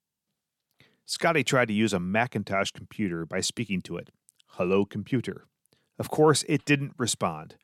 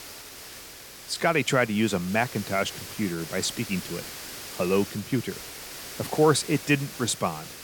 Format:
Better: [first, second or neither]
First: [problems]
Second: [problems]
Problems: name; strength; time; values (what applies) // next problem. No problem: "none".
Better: first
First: none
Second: hiss; noticeable; throughout; 10 dB below the speech